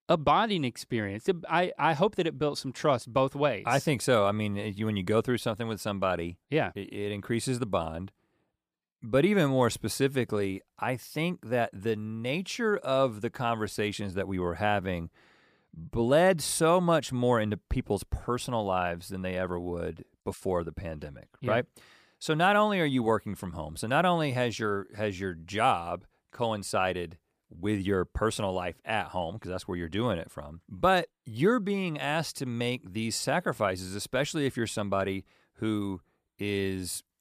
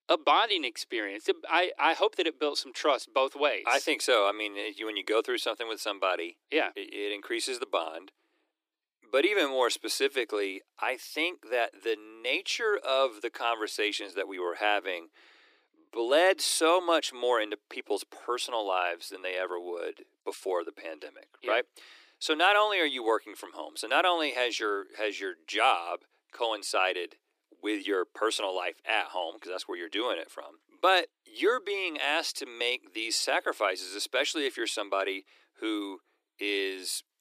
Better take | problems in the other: first | thin; very; fading below 300 Hz

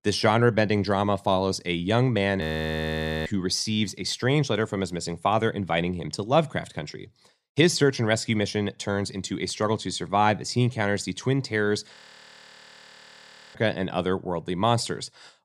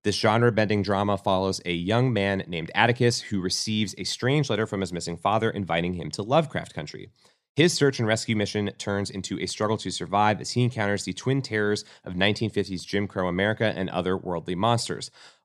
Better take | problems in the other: second | audio freezing; at 2.5 s for 1 s and at 12 s for 1.5 s

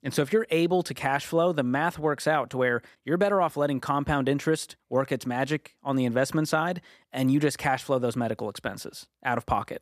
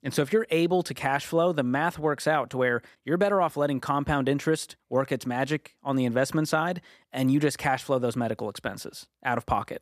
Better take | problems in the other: neither | none

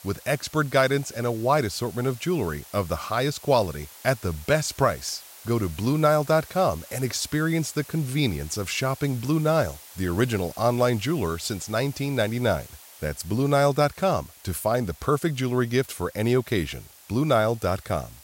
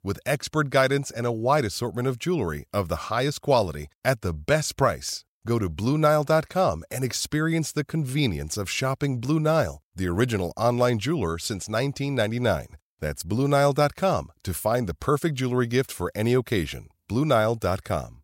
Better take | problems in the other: second | hiss; noticeable; throughout; 20 dB below the speech

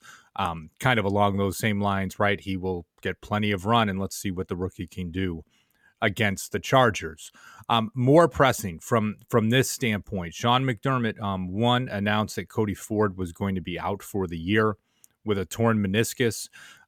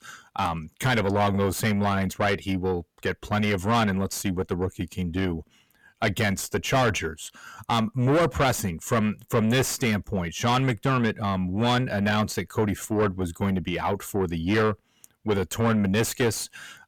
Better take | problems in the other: first | distortion; heavy; 6 dB below the speech

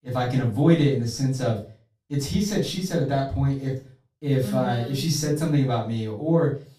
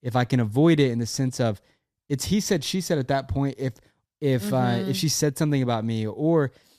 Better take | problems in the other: second | off-mic speech; far // room echo; slight; dies away in 0.3 s

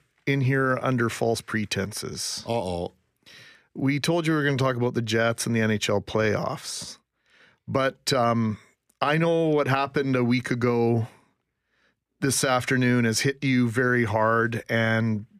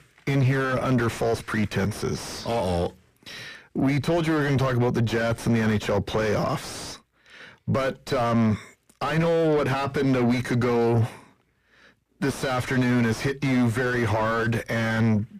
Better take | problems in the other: first | distortion; heavy; 5 dB below the speech

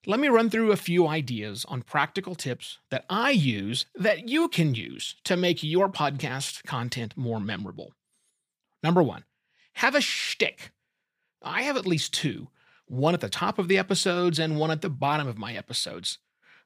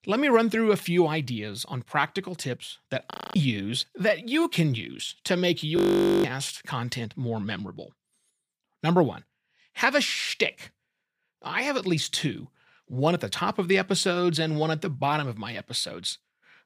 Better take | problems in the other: first | audio freezing; at 3 s and at 6 s

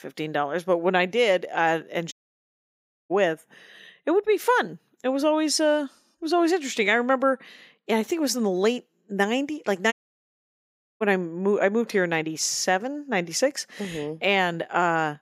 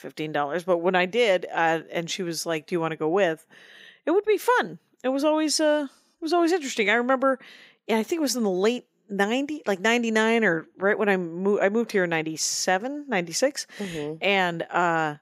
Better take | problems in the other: second | audio cutting out; at 2 s for 1 s and at 10 s for 1 s

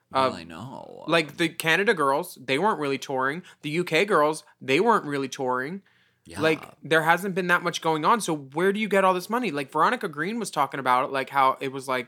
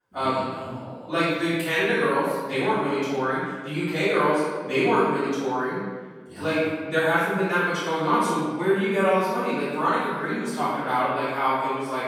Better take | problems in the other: first | off-mic speech; far // room echo; strong; dies away in 1.4 s

